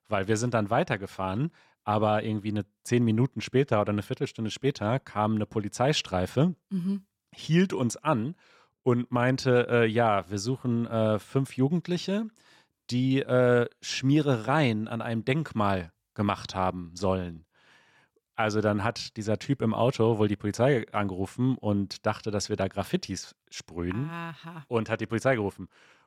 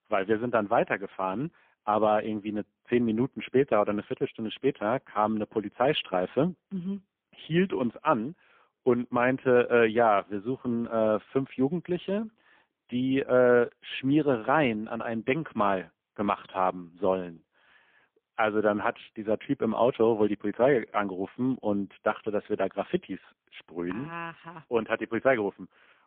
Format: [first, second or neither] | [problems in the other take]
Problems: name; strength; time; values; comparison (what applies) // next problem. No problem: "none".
first | phone-call audio; poor line; nothing above 3.5 kHz